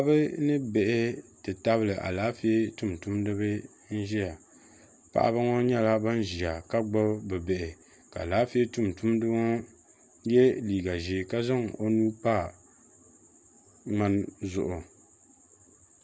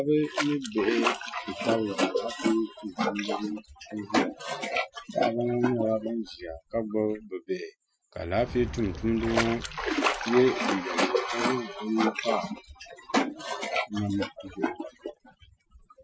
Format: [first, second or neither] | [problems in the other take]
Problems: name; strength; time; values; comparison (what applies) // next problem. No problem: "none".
first | noise reduction (classical method Wiener filter)